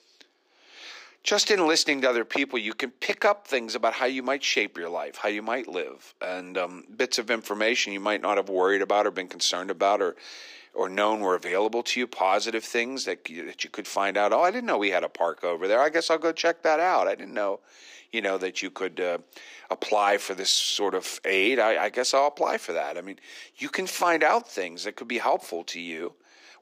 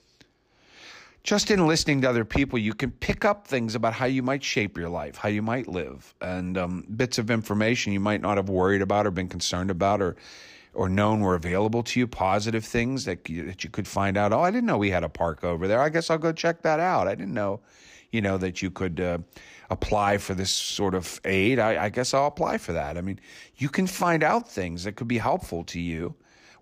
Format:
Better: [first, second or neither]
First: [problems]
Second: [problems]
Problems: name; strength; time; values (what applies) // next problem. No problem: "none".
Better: second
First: thin; somewhat; fading below 300 Hz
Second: none